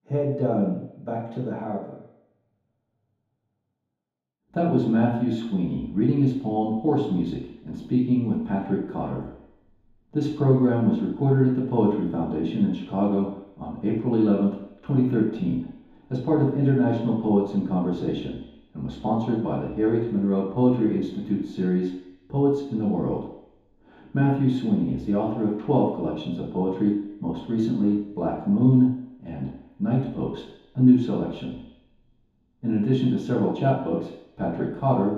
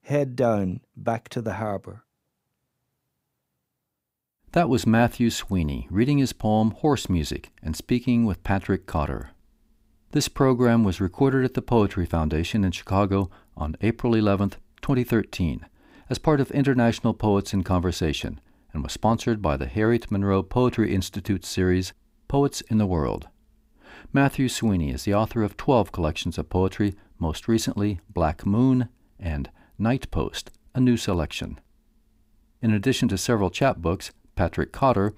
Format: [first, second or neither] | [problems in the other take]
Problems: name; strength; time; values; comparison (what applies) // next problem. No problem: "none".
second | room echo; noticeable; dies away in 2 s // off-mic speech; far